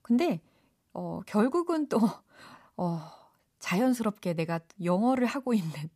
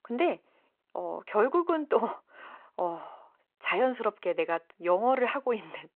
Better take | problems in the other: first | phone-call audio

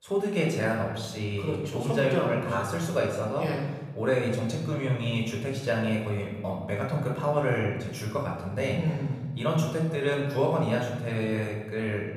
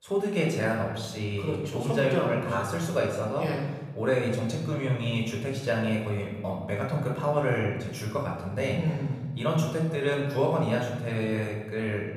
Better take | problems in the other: neither | room echo; noticeable; dies away in 1.2 s; the same in both // off-mic speech; somewhat distant; the same in both

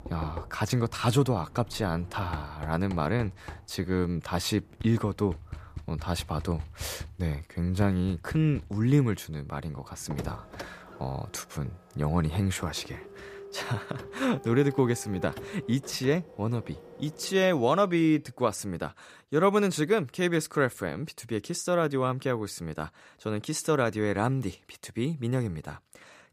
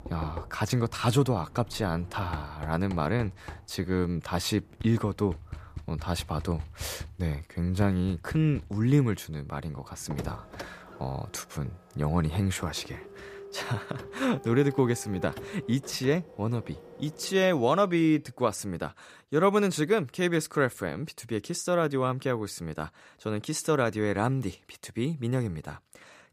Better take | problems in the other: neither | household noises; noticeable; until 18 s; 15 dB below the speech; the same in both

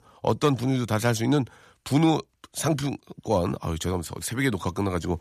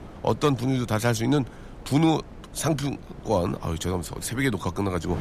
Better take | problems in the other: first | wind noise on the microphone; occasional gusts; 20 dB below the speech

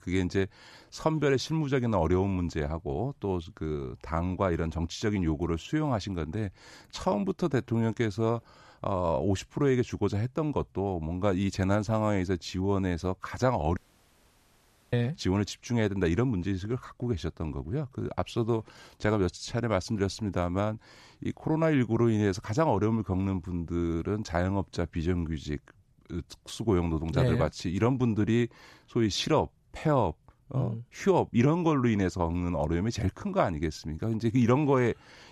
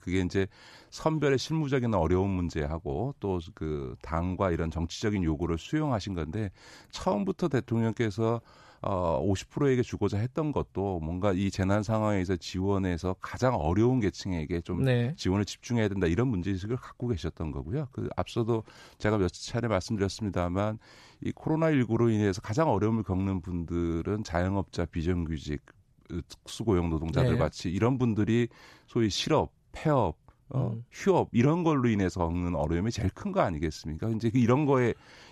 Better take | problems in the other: second | audio cutting out; at 14 s for 1 s

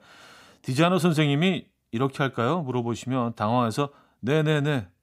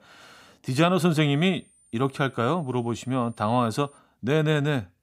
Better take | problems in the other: first | high-pitched whine; faint; from 1.5 to 4 s; 9 kHz, 30 dB below the speech

